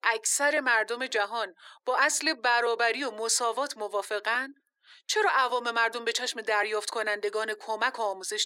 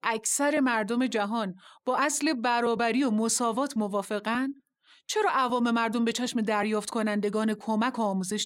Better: second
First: thin; very; fading below 350 Hz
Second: none

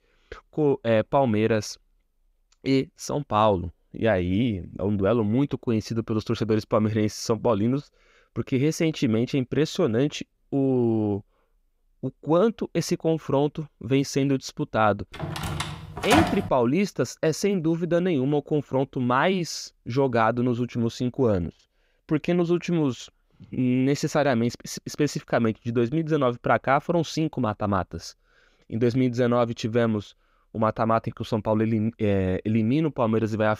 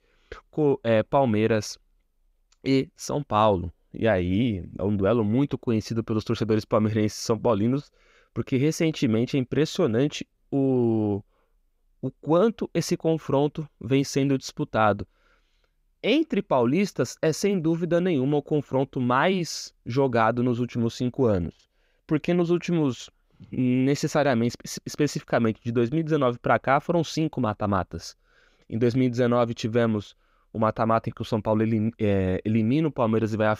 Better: second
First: door banging; loud; from 15 to 16 s; peak 2 dB above the speech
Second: none

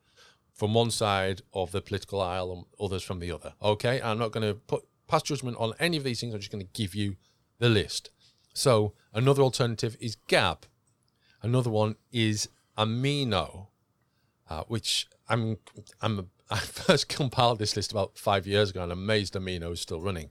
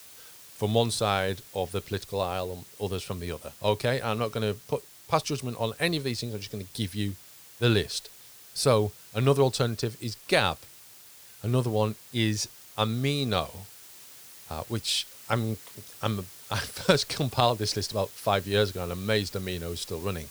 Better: first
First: none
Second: hiss; noticeable; throughout; 15 dB below the speech

